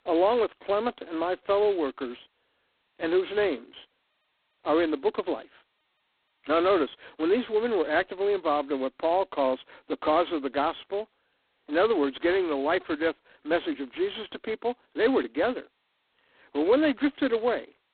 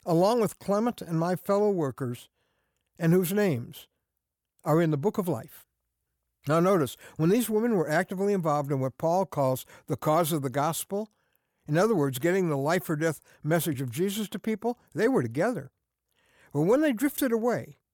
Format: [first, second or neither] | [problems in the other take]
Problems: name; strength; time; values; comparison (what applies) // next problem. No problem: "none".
second | phone-call audio; poor line; nothing above 4 kHz